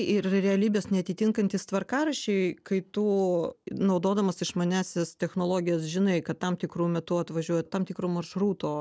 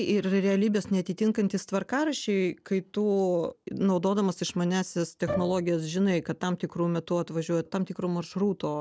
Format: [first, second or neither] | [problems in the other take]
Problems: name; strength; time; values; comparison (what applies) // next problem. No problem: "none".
first | background sound (Bowed string instrument); 9 dB below the speech